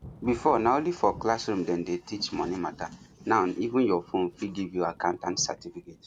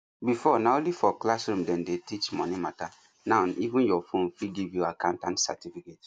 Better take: second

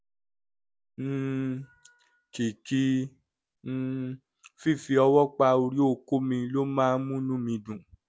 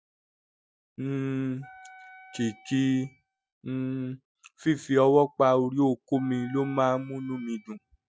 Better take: first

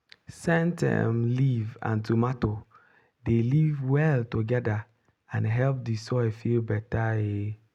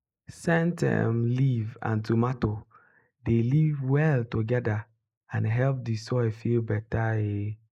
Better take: first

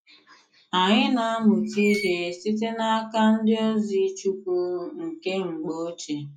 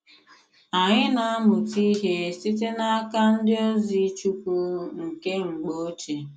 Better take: second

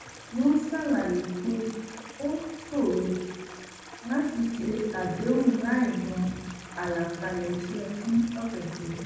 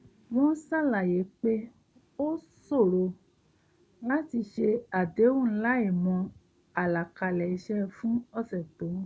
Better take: second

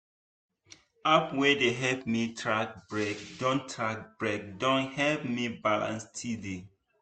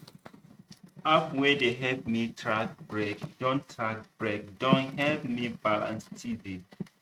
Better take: first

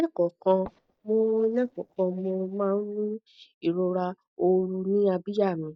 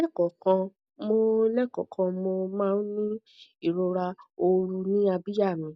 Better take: second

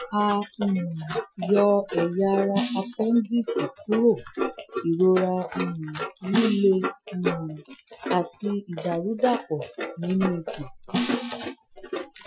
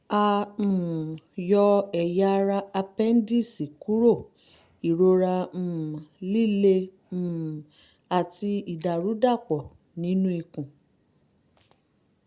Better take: second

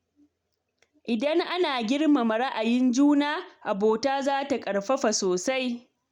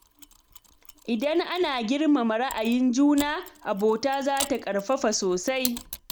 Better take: first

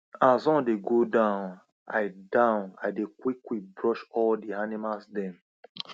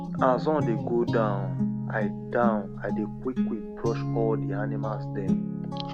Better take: first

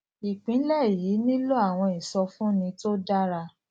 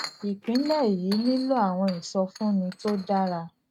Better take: first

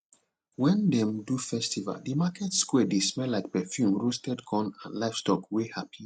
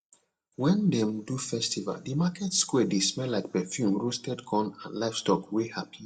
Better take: first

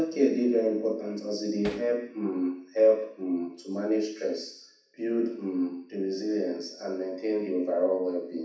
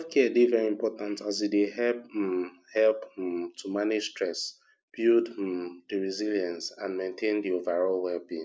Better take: second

